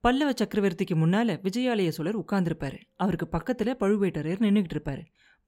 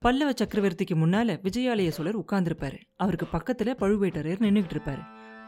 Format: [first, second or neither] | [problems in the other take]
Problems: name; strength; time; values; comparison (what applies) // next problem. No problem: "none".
first | background music; faint; throughout; 20 dB below the speech